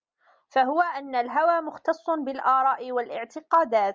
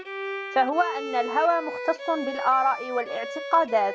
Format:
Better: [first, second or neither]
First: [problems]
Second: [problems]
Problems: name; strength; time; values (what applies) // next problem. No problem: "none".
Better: first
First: none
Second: background sound (Bowed string instrument); 9 dB below the speech